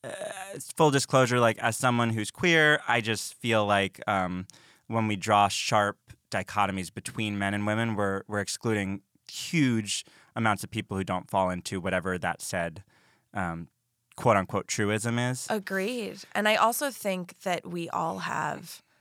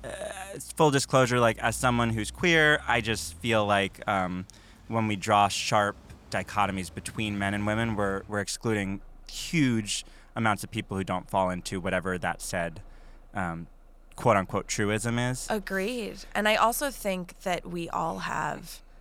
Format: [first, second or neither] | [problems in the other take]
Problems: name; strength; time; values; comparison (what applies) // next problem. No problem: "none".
first | traffic noise; faint; throughout; 25 dB below the speech